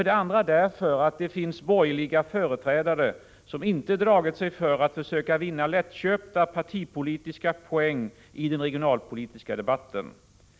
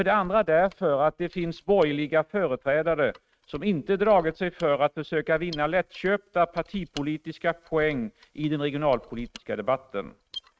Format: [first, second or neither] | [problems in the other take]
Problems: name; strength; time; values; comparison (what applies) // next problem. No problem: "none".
first | noise reduction (neural mask model RNNoise)